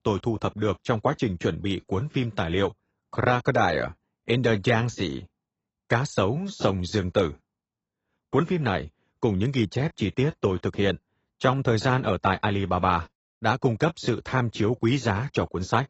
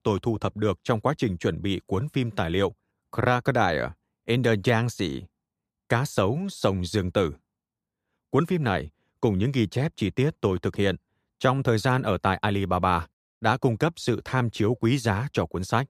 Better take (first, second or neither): second